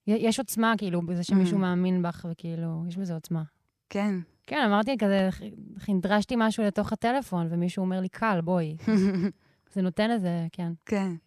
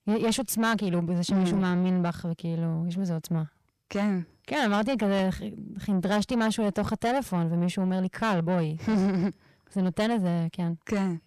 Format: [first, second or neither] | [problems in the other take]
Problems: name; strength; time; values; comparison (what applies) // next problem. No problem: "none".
first | distortion; slight; 10 dB below the speech